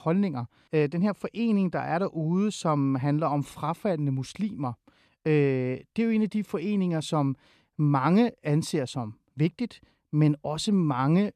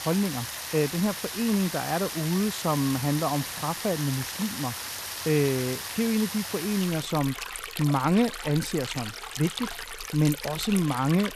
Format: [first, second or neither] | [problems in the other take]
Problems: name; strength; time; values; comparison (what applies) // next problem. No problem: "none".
first | rain or running water; loud; throughout; 6 dB below the speech